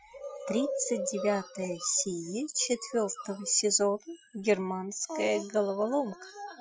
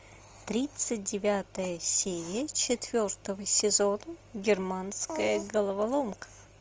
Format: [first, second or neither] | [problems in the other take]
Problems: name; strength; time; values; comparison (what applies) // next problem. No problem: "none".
second | noise reduction (classical method Wiener filter)